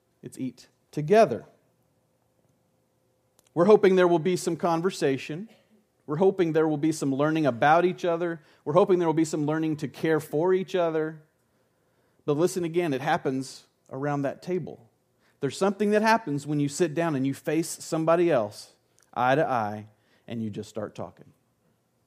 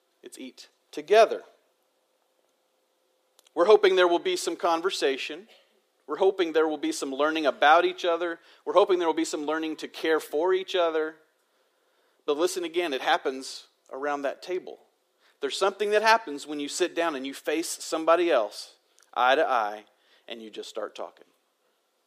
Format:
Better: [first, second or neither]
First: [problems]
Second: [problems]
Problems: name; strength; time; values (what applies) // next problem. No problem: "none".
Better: first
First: none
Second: thin; somewhat; fading below 350 Hz